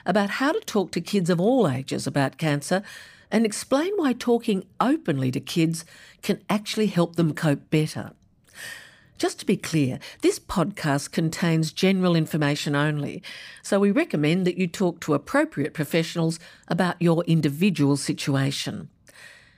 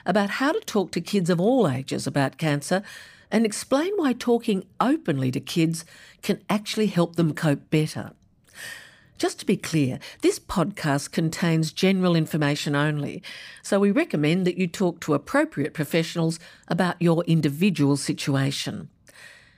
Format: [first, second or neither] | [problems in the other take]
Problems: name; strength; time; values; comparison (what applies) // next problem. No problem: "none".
neither | none